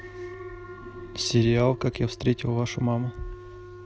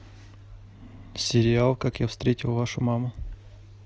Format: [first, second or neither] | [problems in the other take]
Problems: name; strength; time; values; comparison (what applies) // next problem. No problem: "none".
second | background sound (Wind instrument, woodwind instrument + Alarm); 15 dB below the speech